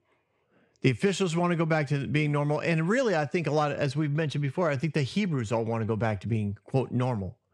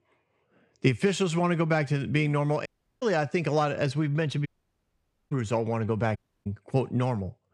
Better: first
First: none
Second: audio cutting out; at 2.5 s, at 4.5 s for 1 s and at 6 s

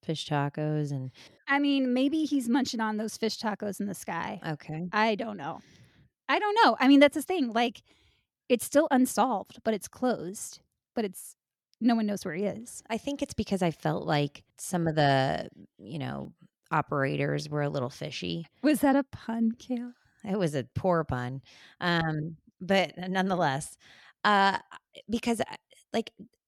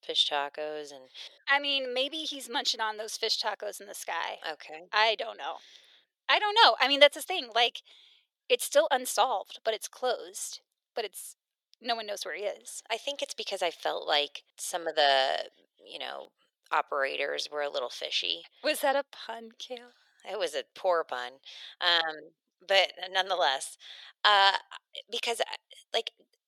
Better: first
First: none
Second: thin; very; fading below 500 Hz

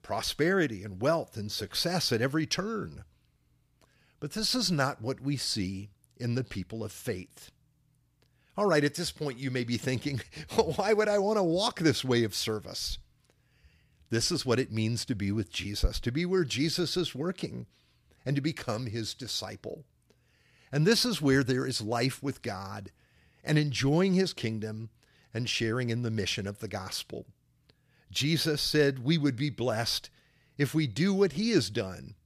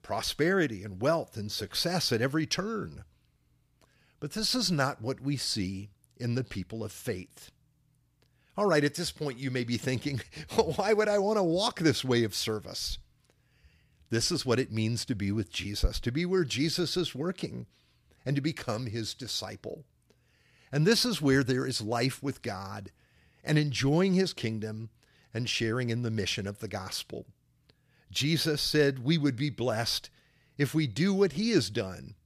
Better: neither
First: none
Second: none

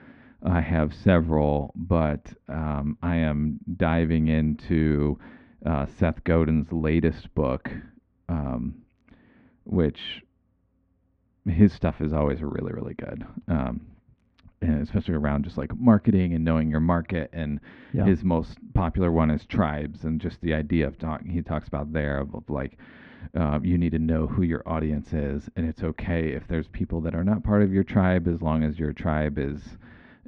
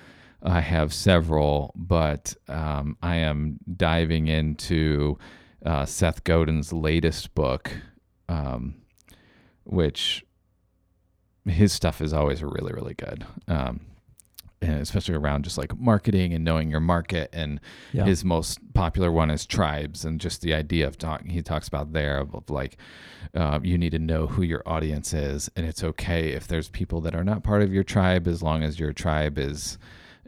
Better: second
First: muffled; very; fading above 2.5 kHz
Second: none

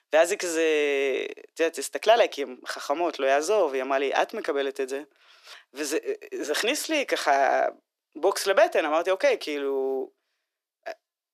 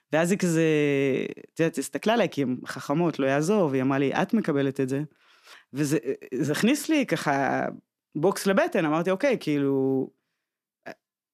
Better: second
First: thin; very; fading below 350 Hz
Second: none

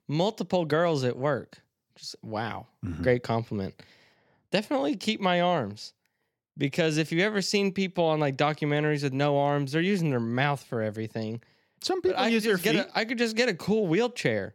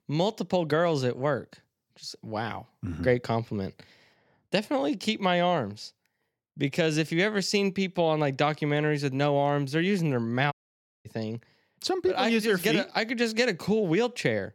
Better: first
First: none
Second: audio cutting out; at 11 s for 0.5 s

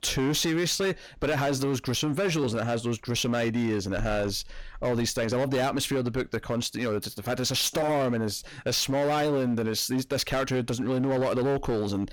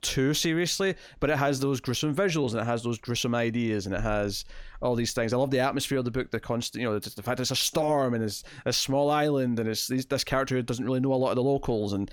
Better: second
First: distortion; slight; 17% of the sound clipped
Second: none

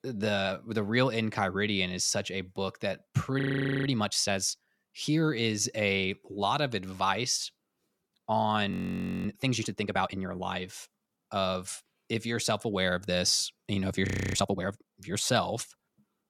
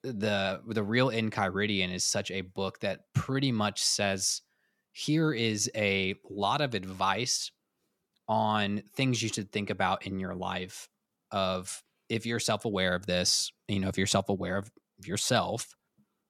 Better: second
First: audio freezing; at 3.5 s, at 8.5 s for 0.5 s and at 14 s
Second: none

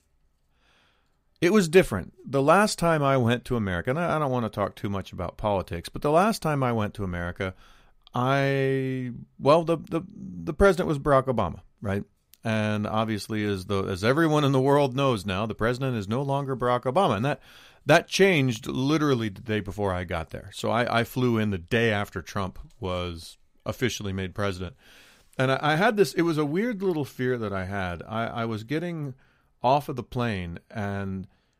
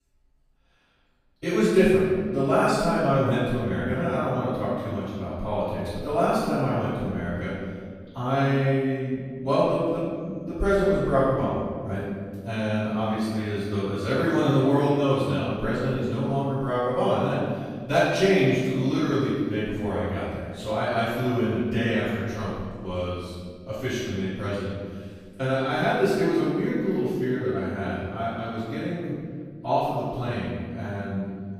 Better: first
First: none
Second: off-mic speech; far // room echo; strong; dies away in 1.8 s

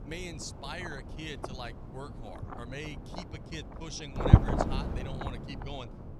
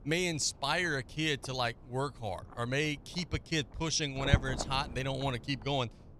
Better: second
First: wind noise on the microphone; heavy; 5 dB above the speech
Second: wind noise on the microphone; occasional gusts; 15 dB below the speech

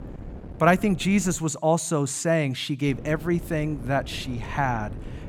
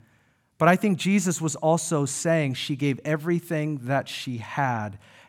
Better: second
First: wind noise on the microphone; occasional gusts; until 1.5 s and from 3 s on; 20 dB below the speech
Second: none

